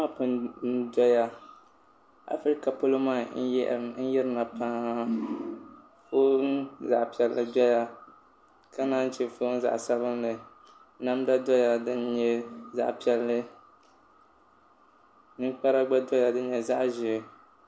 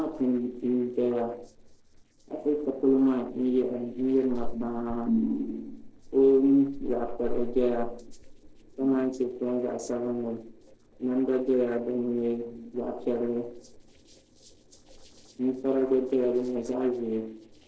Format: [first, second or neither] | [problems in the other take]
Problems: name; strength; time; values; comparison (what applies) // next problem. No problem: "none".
first | noise reduction (neural separator model SepFormer DNS4)